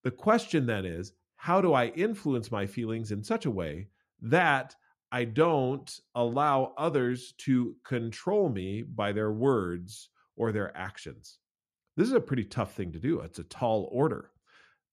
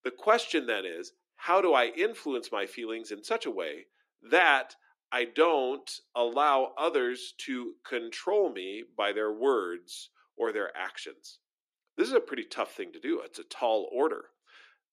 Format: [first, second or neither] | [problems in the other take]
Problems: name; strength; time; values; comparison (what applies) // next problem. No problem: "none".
first | thin; somewhat; fading below 300 Hz